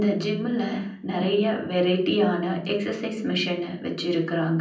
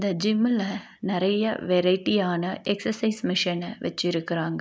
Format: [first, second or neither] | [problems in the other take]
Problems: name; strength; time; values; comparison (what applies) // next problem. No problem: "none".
second | room echo; dies away in 0.6 s